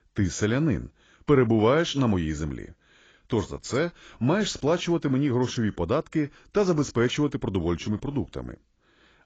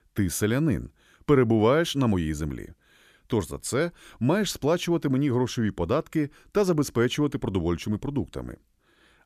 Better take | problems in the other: second | garbled, watery; badly; nothing above 7.5 kHz

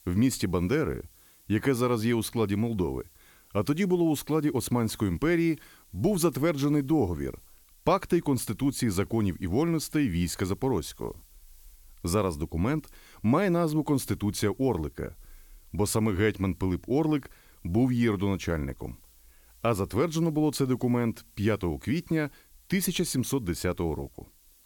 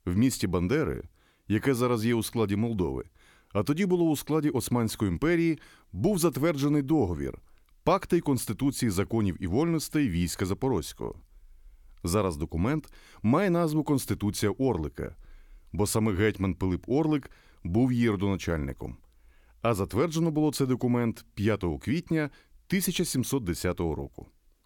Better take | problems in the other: second | hiss; faint; throughout; 30 dB below the speech

